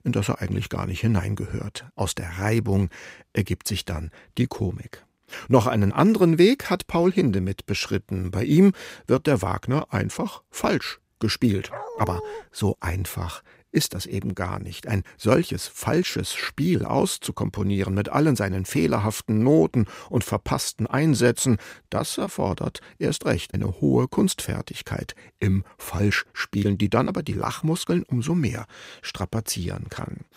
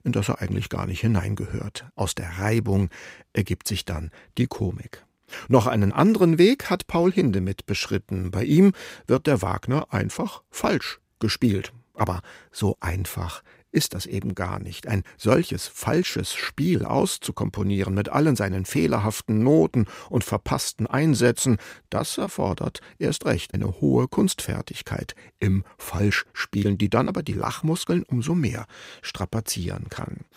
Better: second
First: dog barking; faint; at 12 s; peak 10 dB below the speech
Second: none

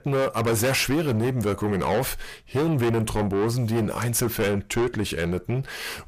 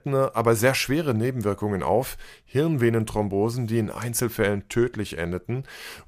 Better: second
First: distortion; heavy; 6 dB below the speech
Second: none

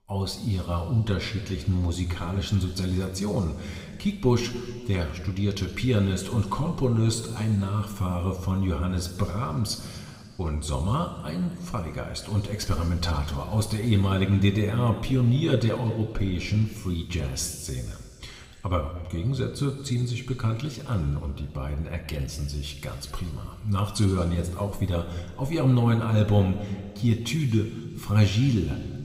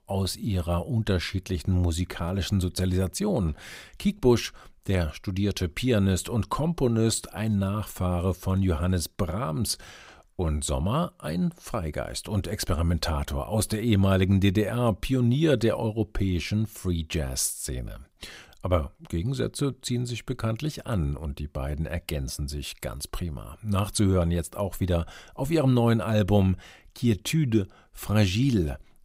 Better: second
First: room echo; noticeable; dies away in 2 s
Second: none

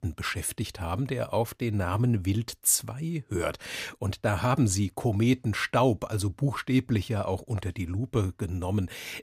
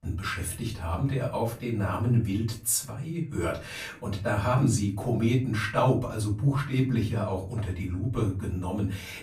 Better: first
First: none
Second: off-mic speech; far // room echo; slight; dies away in 0.3 s

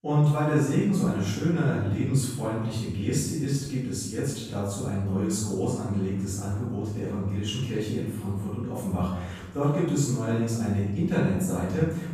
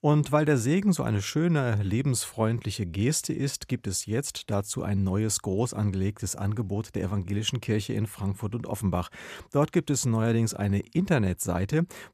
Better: second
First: off-mic speech; far // room echo; strong; dies away in 0.9 s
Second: none

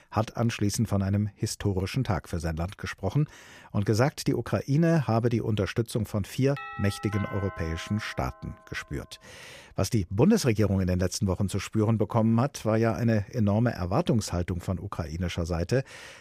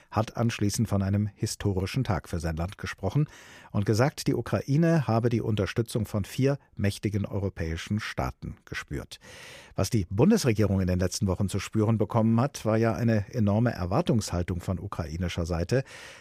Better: second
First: doorbell; faint; from 6.5 to 9 s; peak 10 dB below the speech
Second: none

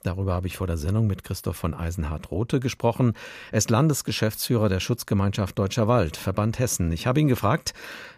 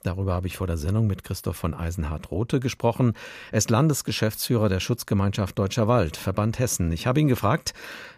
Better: neither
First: none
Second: none

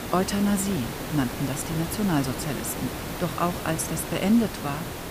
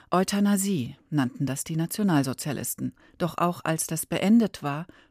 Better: second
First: hiss; loud; throughout; 6 dB below the speech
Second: none

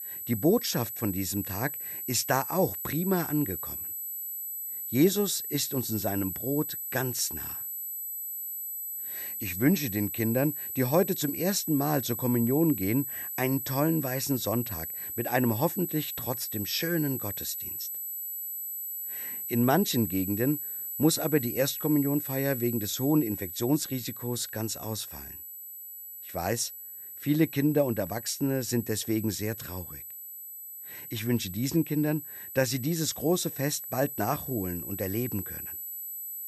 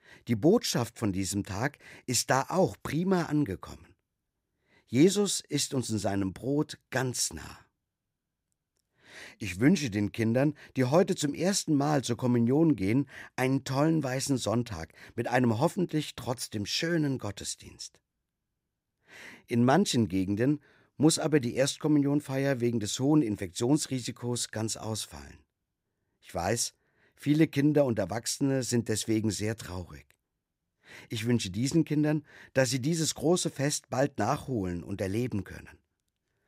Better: second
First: high-pitched whine; loud; throughout; 12 kHz, 5 dB below the speech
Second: none

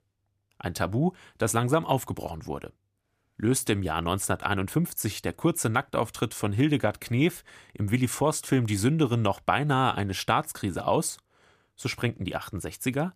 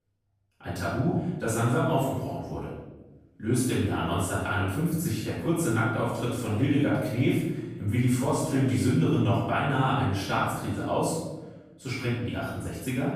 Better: first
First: none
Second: off-mic speech; far // room echo; strong; dies away in 1.1 s

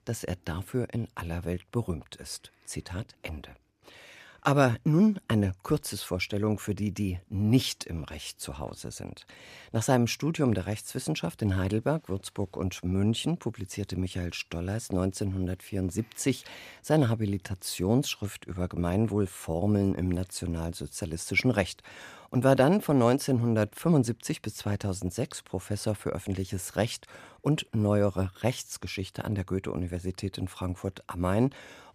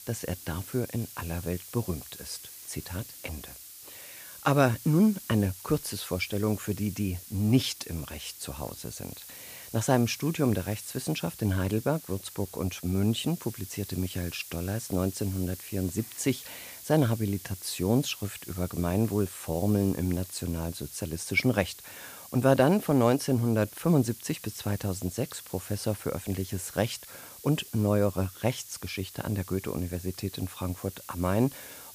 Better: first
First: none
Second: hiss; noticeable; throughout; 15 dB below the speech

